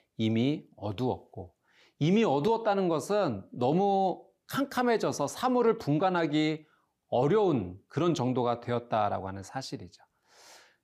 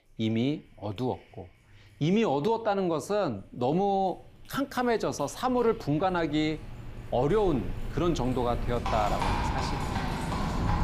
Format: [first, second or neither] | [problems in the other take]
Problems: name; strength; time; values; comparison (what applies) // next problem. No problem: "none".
first | animal sounds; loud; throughout; 6 dB below the speech